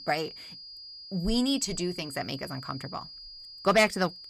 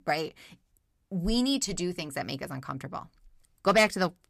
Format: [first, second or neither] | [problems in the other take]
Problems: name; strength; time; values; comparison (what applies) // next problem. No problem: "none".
second | high-pitched whine; noticeable; throughout; 5 kHz, 15 dB below the speech